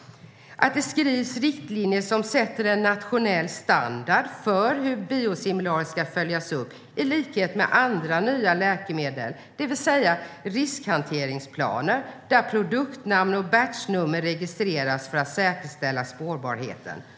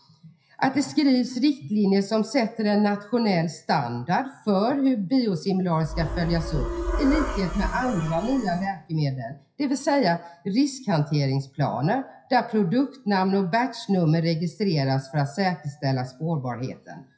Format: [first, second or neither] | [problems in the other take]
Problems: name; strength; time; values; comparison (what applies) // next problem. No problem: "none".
first | noise reduction (classical method WPE with log-MMSE)